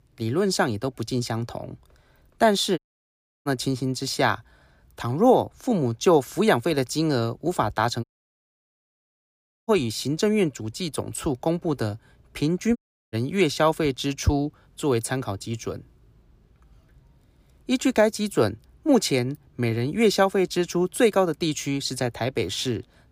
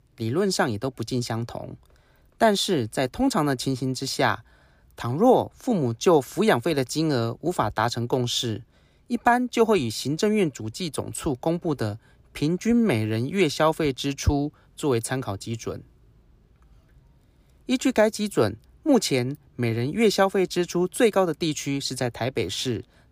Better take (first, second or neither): second